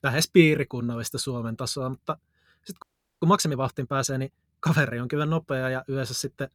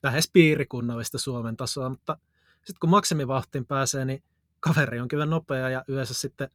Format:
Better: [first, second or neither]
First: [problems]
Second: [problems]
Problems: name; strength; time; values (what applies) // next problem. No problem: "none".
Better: second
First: audio freezing; at 3 s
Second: none